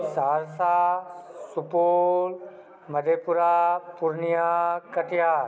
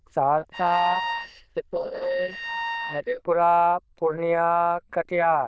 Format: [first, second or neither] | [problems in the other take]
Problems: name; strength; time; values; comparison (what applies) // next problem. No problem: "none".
first | noise reduction (neural diffusion model UNIVERSE++)